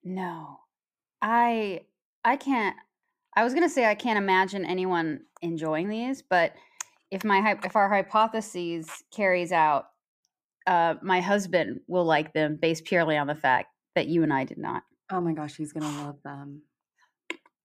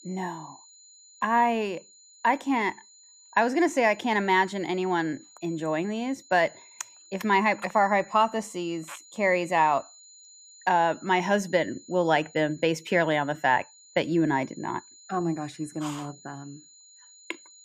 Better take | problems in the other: first | high-pitched whine; faint; throughout; 7 kHz, 25 dB below the speech

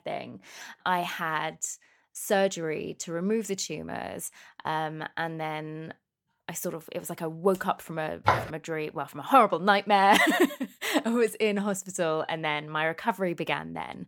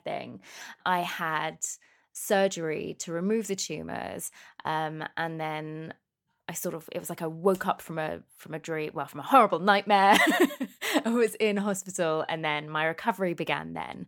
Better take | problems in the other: second | footsteps; loud; at 8.5 s; peak 1 dB above the speech

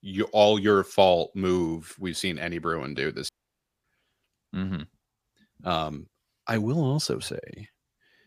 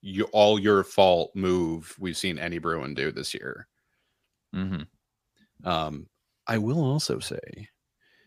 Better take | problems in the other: second | audio cutting out; at 3.5 s for 0.5 s

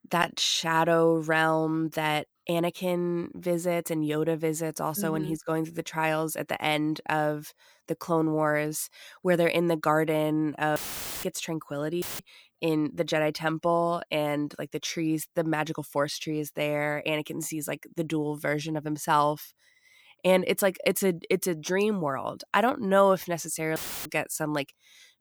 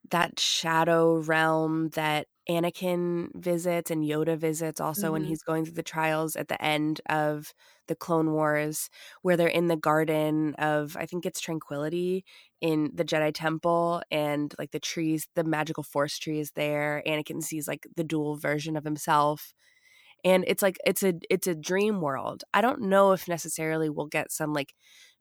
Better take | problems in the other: second | audio cutting out; filled with static; at 11 s, at 12 s and at 24 s

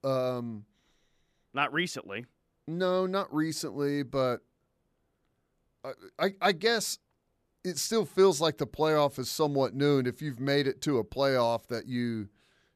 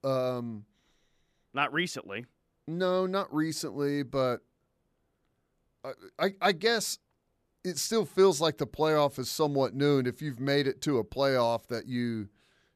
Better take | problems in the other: neither | none

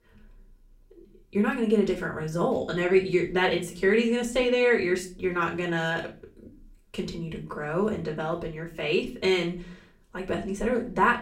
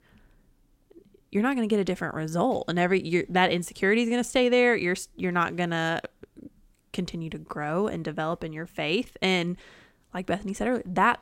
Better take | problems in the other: second | off-mic speech; far // room echo; very slight; dies away in 0.3 s

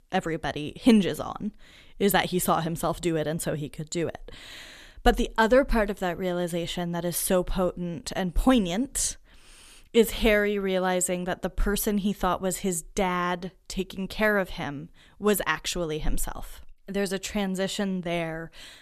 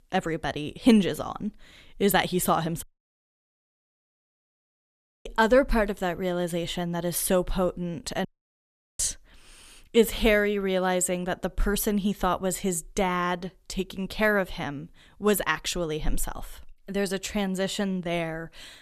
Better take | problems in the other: first | audio cutting out; at 3 s for 2.5 s and at 8.5 s for 0.5 s

